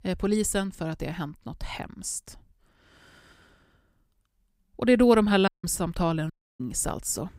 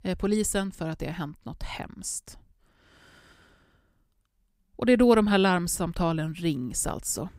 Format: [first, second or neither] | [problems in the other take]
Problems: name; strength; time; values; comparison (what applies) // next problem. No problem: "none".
second | audio cutting out; at 5.5 s and at 6.5 s